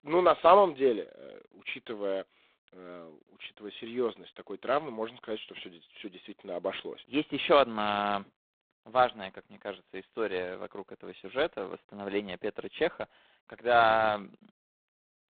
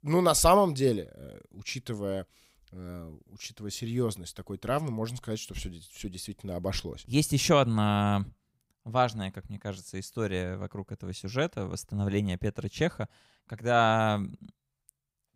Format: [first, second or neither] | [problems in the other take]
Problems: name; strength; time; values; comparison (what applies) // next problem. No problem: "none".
second | phone-call audio; poor line; nothing above 3.5 kHz